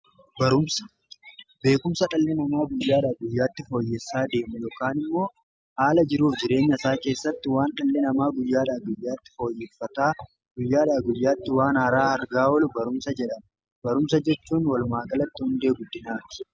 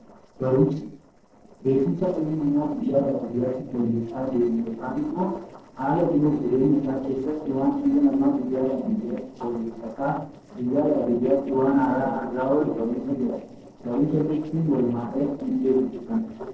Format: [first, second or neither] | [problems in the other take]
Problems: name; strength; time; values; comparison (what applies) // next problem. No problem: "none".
first | noise reduction (neural separator model SepFormer DNS4)